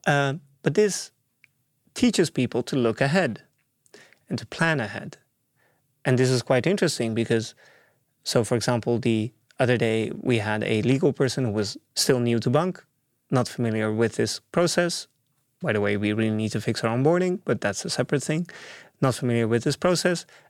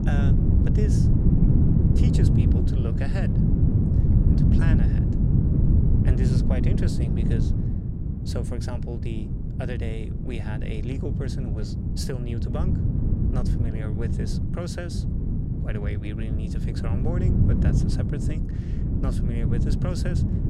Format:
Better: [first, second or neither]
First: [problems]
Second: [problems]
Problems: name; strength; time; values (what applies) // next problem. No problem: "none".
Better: first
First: none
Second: wind noise on the microphone; heavy; 3 dB above the speech